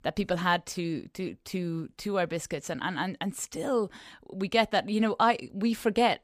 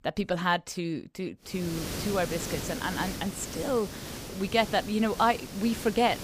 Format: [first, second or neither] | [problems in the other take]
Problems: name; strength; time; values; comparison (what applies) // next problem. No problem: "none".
first | hiss; loud; from 1.5 s on; 8 dB below the speech